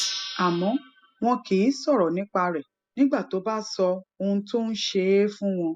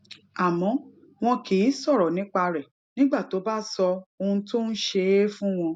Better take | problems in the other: second | noise reduction (classical method spectral subtraction)

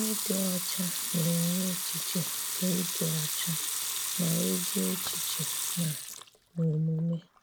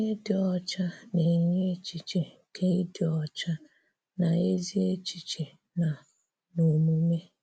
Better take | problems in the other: second | background sound (Sink (filling or washing) / Water tap, faucet / Liquid); 1 dB below the speech

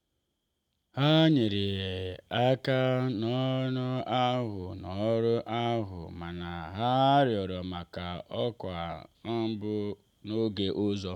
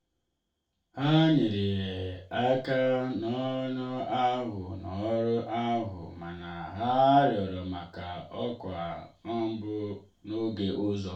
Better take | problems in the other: first | room echo; dies away in 0.3 s

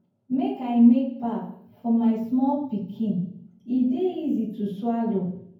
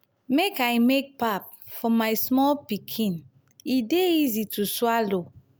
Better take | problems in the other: second | room echo; dies away in 0.9 s

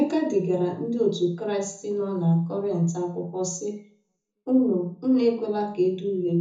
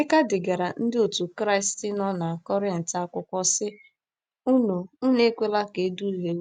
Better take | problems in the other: second | room echo; dies away in 0.5 s

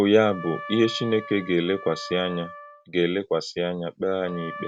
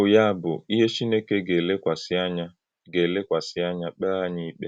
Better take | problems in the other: second | background sound (Trumpet); 15 dB below the speech

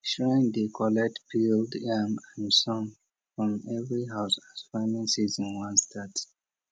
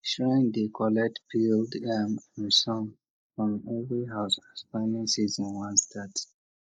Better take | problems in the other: first | noise reduction (neural mask model Resemble Enhance denoiser)

